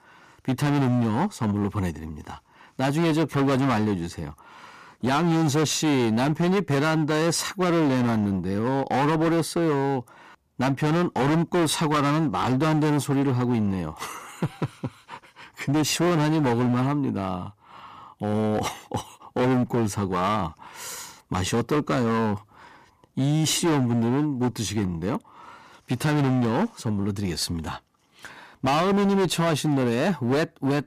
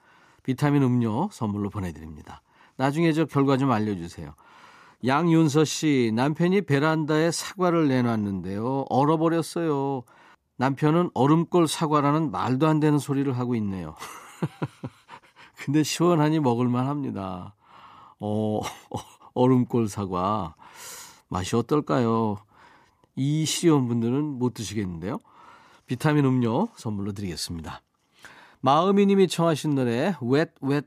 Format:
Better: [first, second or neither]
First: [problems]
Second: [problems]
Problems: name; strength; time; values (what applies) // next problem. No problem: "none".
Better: second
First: distortion; heavy; 20% of the sound clipped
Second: none